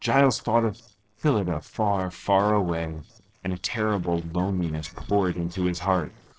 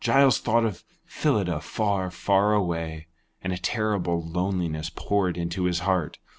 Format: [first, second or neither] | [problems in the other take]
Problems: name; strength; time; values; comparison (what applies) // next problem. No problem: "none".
second | noise reduction (neural separator model SepFormer DNS4)